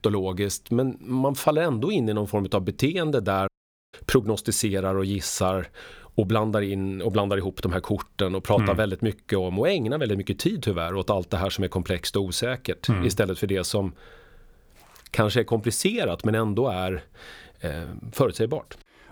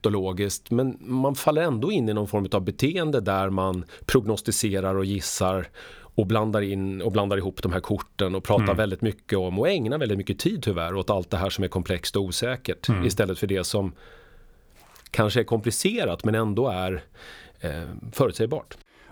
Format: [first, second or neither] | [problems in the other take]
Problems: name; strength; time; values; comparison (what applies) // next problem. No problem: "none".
second | audio cutting out; at 3.5 s